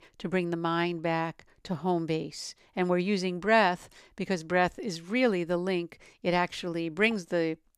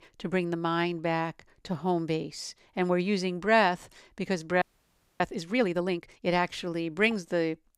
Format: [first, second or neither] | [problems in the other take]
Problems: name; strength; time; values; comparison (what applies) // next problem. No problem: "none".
first | audio freezing; at 4.5 s for 0.5 s